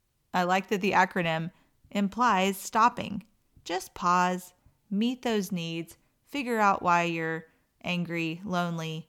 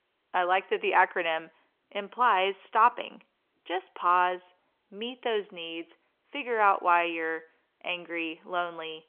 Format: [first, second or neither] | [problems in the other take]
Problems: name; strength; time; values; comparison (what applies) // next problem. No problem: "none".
first | phone-call audio; nothing above 3 kHz